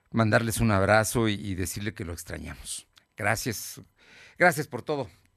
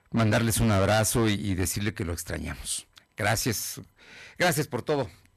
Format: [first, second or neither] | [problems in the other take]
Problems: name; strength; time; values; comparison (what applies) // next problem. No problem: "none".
first | distortion; heavy; 9% of the sound clipped